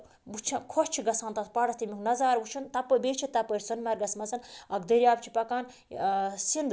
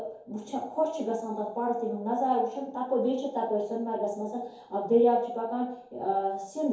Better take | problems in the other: first | room echo; dies away in 2.4 s

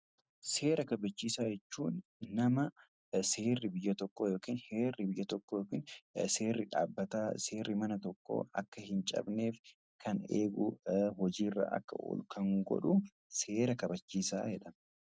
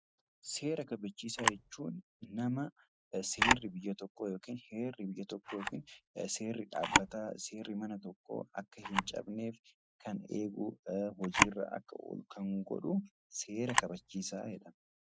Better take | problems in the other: first | noise reduction (classical method Wiener filter)

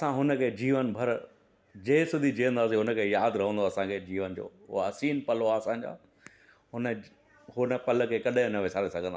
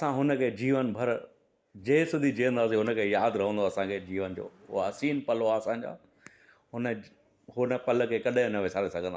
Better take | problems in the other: first | noise reduction (neural mask model Resemble Enhance denoiser)

